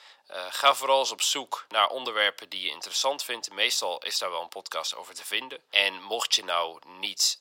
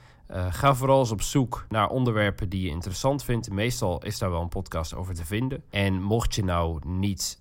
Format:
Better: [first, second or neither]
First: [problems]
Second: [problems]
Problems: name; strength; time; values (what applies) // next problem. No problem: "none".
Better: second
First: thin; very; fading below 600 Hz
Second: none